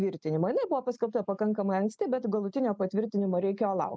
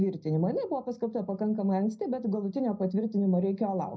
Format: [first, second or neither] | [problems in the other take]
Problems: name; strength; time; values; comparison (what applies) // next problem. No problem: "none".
first | room echo; dies away in 0.4 s